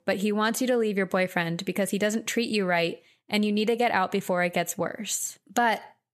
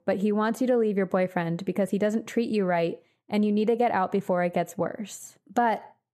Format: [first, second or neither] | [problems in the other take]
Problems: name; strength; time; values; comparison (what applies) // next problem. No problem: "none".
first | muffled; slightly; fading above 1.5 kHz